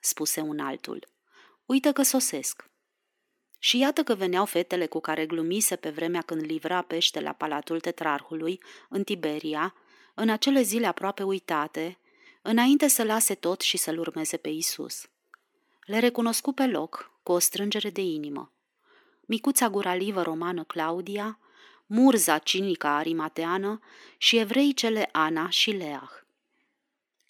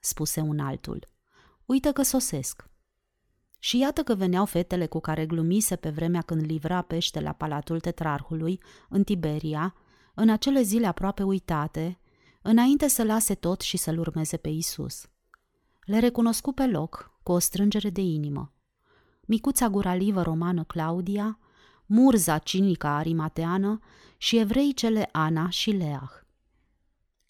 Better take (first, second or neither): second